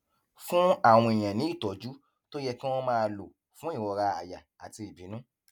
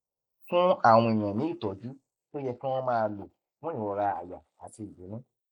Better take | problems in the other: first | noise reduction (neural mask model Resemble Enhance denoiser)

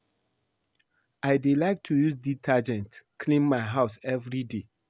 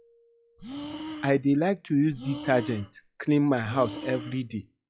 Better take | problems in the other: first | noise reduction (classical method log-MMSE)

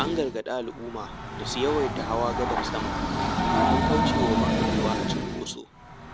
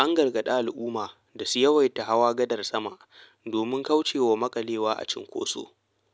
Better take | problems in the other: second | background sound (Train); 4 dB above the speech

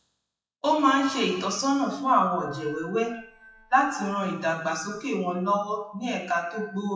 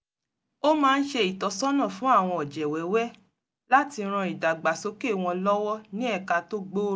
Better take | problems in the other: second | noise reduction (classical method WPE with log-MMSE)

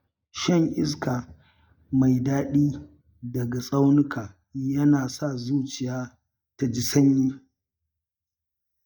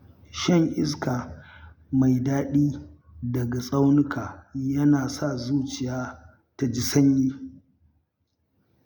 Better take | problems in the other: second | noise reduction (neural mask model DeepFilterNet 3)

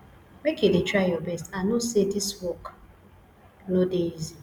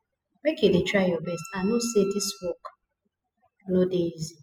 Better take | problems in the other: first | noise reduction (classical method spectral subtraction)

